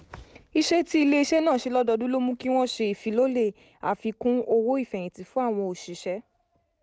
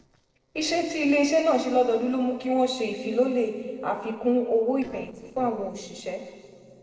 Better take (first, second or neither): first